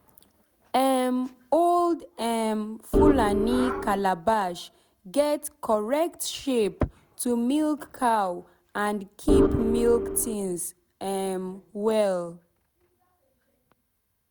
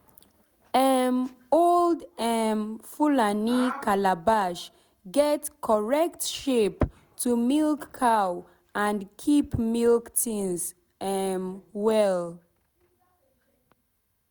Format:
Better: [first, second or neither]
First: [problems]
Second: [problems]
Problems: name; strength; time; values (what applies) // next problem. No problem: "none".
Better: second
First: background sound (Organ); 3 dB above the speech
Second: none